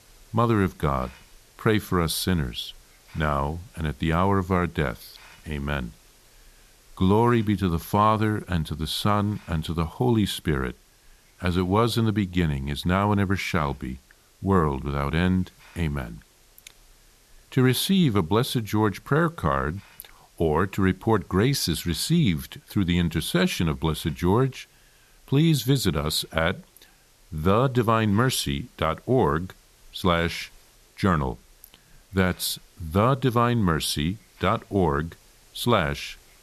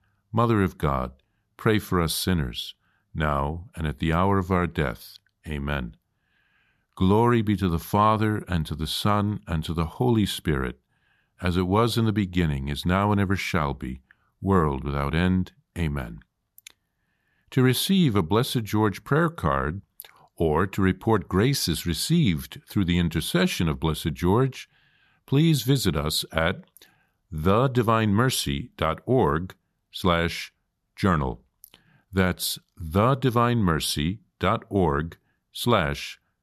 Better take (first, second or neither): second